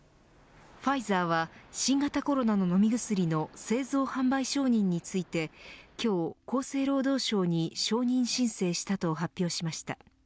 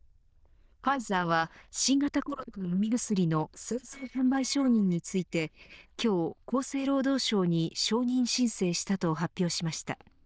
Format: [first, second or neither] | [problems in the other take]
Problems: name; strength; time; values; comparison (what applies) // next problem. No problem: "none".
first | noise reduction (neural diffusion model UNIVERSE++)